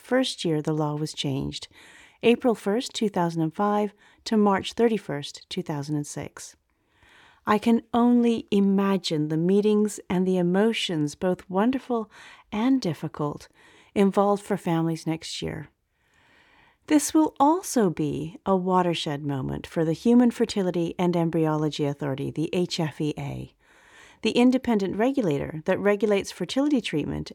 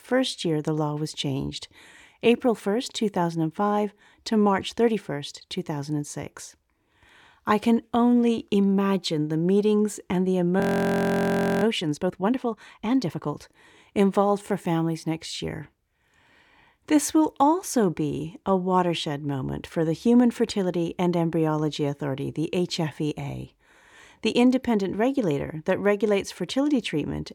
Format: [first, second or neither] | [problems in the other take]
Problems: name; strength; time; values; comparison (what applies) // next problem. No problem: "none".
first | audio freezing; at 11 s for 1 s